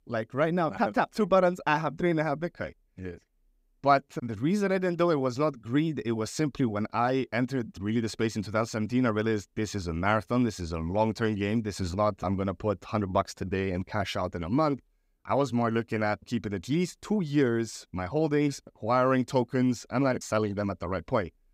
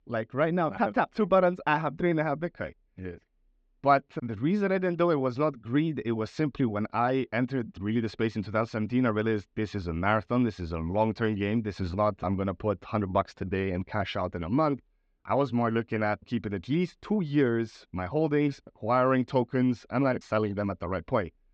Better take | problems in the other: first | muffled; slightly; fading above 3.5 kHz

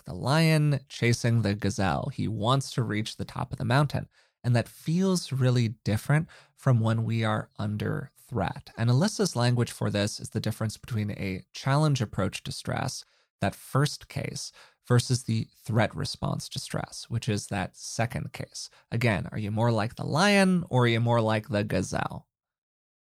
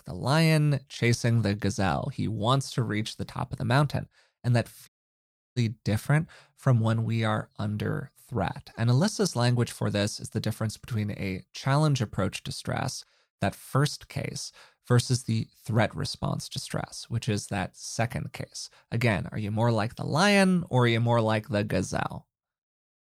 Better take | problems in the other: first | audio cutting out; at 5 s for 0.5 s

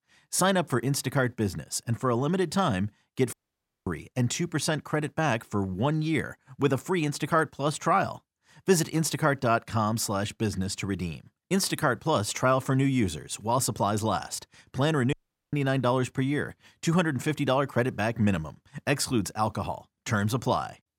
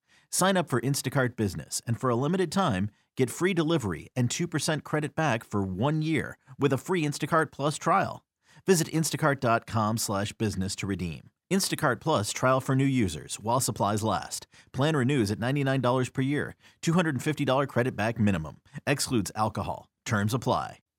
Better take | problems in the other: second | audio cutting out; at 3.5 s for 0.5 s and at 15 s

